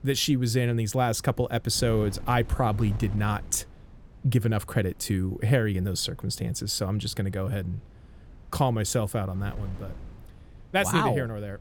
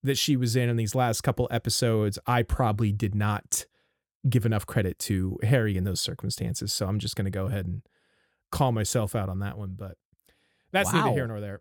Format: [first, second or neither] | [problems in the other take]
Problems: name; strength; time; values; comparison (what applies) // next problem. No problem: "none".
second | wind noise on the microphone; occasional gusts; 25 dB below the speech